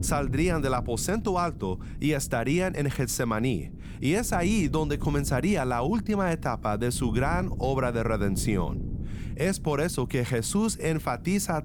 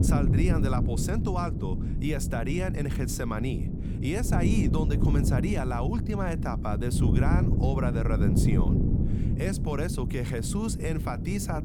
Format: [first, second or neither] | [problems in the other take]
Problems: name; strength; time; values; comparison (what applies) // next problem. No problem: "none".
first | wind noise on the microphone; heavy; 3 dB below the speech; occasional gusts in the first